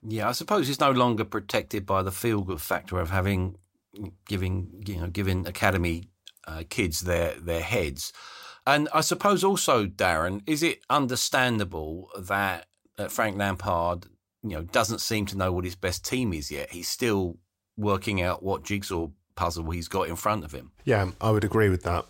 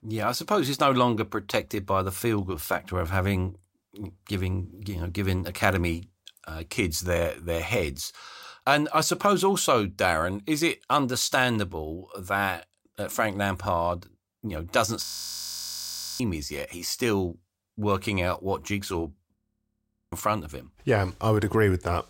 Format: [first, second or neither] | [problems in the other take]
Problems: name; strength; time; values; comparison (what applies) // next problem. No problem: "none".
first | audio freezing; at 15 s for 1 s and at 19 s for 1 s